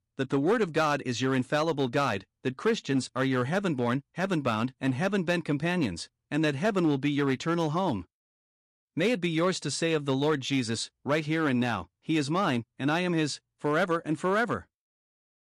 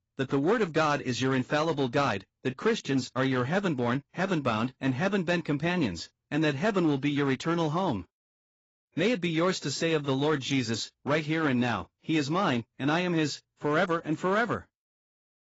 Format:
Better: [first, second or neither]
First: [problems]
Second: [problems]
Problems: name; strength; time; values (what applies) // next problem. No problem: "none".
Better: first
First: none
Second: garbled, watery; badly; nothing above 7.5 kHz